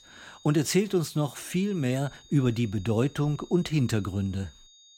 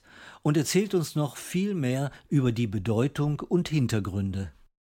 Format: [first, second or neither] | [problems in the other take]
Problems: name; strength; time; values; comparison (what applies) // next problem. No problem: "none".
second | high-pitched whine; faint; throughout; 3.5 kHz, 25 dB below the speech